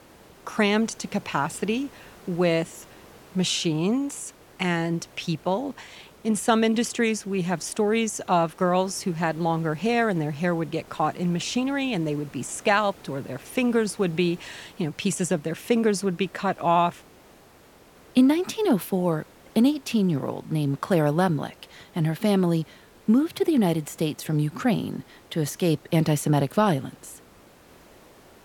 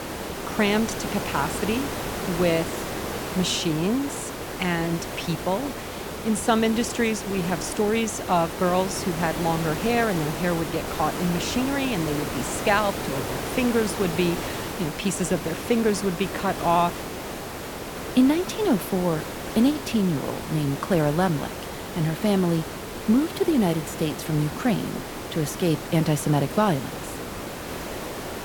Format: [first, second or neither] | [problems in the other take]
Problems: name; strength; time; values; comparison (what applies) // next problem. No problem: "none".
first | hiss; loud; throughout; 7 dB below the speech; faint in the first